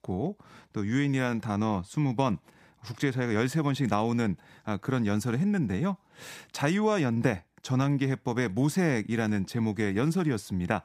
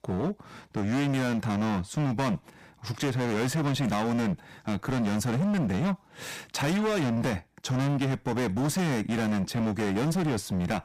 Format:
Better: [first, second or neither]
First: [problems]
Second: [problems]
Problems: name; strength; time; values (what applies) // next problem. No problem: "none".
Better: first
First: none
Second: distortion; heavy; 27% of the sound clipped